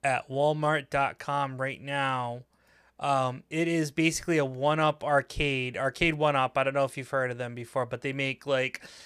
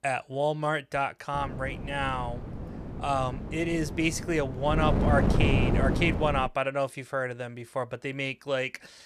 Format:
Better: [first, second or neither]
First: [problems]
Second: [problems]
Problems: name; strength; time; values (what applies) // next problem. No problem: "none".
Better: first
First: none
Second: wind noise on the microphone; heavy; from 1.5 to 6.5 s; 7 dB below the speech